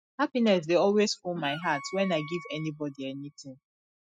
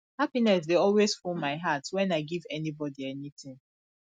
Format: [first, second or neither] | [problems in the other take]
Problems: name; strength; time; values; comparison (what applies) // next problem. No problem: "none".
second | noise reduction (classical method spectral subtraction)